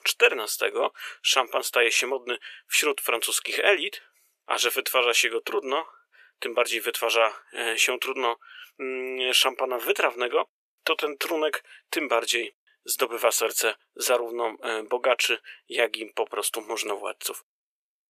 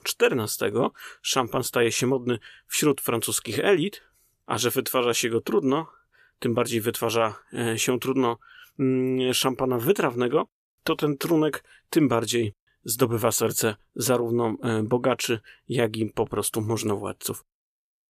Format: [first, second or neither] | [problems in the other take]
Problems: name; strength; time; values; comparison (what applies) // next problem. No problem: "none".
second | thin; very; fading below 450 Hz